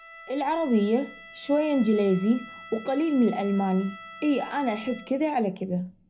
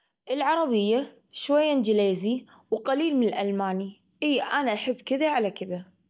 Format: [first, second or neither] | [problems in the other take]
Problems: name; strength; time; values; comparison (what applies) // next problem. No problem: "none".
second | background sound (Bowed string instrument); 19 dB below the speech // room echo; dies away in 0.4 s